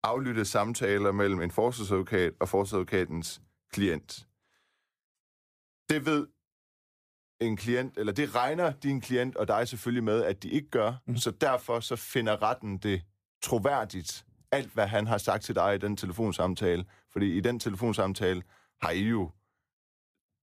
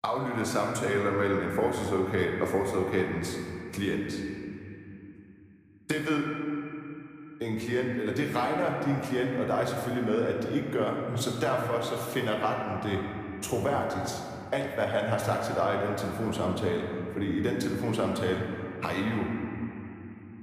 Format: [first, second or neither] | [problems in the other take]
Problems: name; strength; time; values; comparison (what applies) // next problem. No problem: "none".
first | room echo; noticeable; dies away in 2.8 s